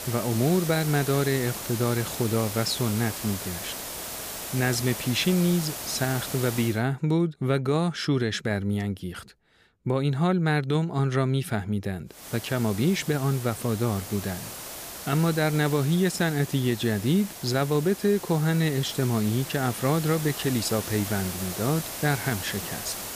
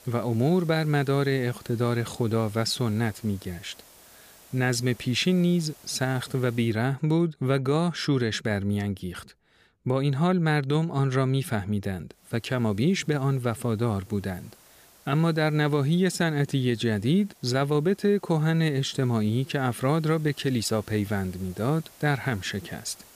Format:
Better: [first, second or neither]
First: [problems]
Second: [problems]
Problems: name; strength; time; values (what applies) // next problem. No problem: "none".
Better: second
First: hiss; loud; until 6.5 s and from 12 s on; 8 dB below the speech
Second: hiss; faint; until 6.5 s and from 12 s on; 25 dB below the speech